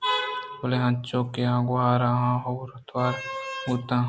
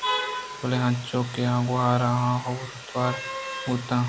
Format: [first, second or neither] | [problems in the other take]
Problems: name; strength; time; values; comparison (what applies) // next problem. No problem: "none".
first | background sound (Domestic sounds, home sounds); 16 dB below the speech